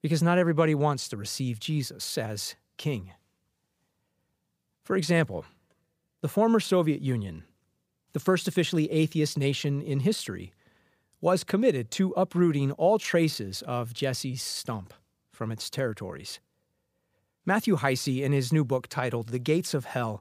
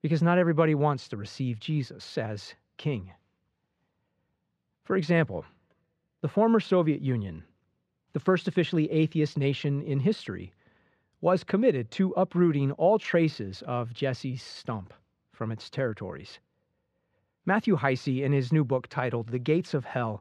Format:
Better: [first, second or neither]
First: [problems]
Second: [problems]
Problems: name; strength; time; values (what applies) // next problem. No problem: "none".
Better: first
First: none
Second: muffled; slightly; fading above 3 kHz